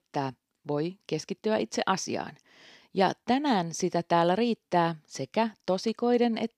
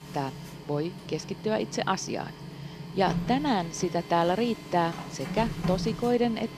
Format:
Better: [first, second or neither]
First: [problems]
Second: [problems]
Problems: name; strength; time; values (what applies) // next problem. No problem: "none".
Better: first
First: none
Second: household noises; loud; throughout; 8 dB below the speech